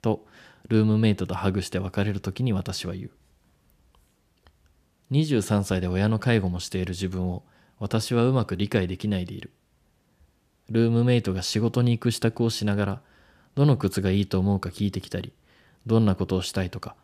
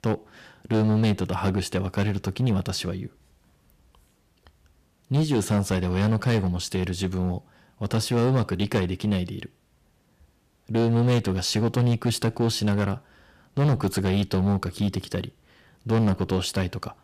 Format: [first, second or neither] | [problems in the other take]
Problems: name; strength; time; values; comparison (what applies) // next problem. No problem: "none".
first | distortion; slight; 8% of the sound clipped